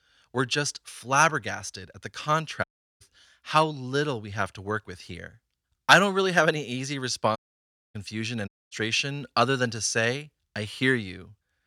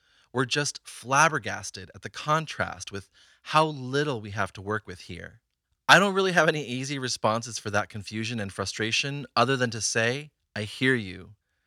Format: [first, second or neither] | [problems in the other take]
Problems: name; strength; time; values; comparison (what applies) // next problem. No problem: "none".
second | audio cutting out; at 2.5 s, at 7.5 s for 0.5 s and at 8.5 s